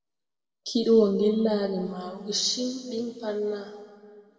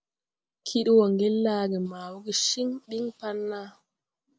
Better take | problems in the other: second | room echo; dies away in 2 s

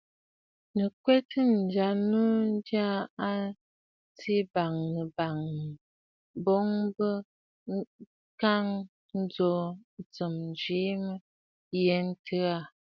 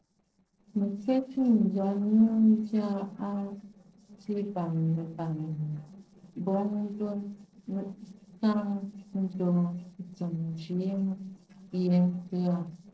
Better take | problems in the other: first | noise reduction (neural separator model SepFormer DNS4)

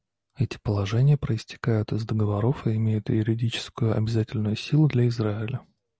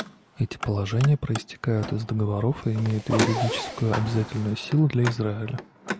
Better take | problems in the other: first | background sound (Zipper (clothing) + Car); 9 dB below the speech

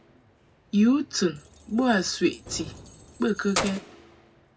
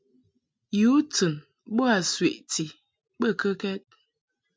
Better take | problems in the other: second | background sound (Keys jangling); 12 dB below the speech // room echo; dies away in 0.2 s

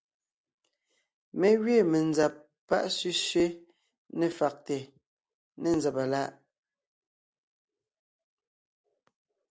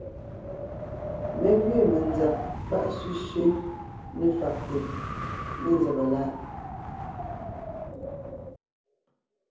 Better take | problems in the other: first | background sound (Wind); 7 dB below the speech // room echo; dies away in 0.7 s

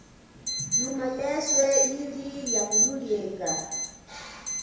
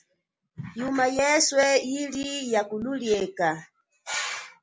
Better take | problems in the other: second | background sound (Alarm); 1 dB above the speech // room echo; dies away in 1 s

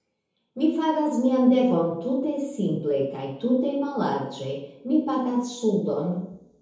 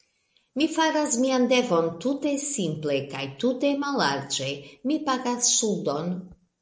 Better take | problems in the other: second | room echo; dies away in 0.8 s

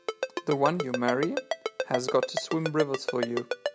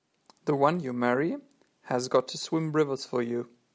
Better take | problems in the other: second | background sound (Ringtone); 3 dB below the speech

